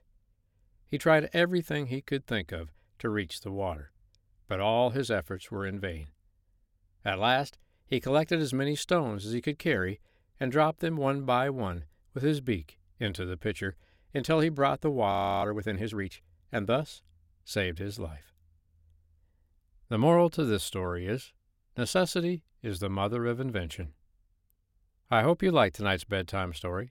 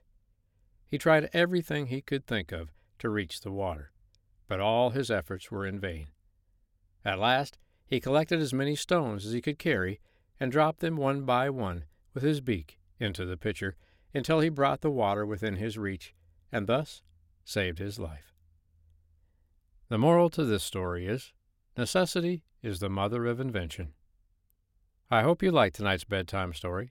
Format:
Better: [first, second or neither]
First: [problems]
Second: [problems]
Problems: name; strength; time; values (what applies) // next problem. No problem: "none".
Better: second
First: audio freezing; at 15 s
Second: none